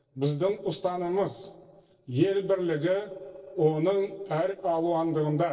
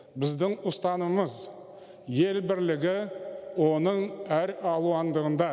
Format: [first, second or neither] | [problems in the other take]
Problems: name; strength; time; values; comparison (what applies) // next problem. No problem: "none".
second | noise reduction (neural separator model SepFormer DNS4)